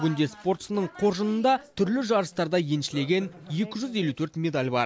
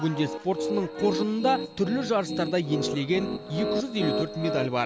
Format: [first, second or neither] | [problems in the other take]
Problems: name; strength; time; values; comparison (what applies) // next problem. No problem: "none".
first | background sound (Piano); 4 dB below the speech